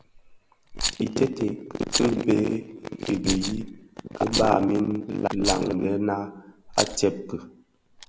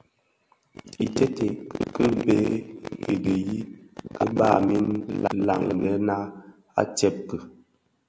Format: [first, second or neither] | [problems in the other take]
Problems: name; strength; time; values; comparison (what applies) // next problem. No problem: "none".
second | background sound (Rattle); 9 dB below the speech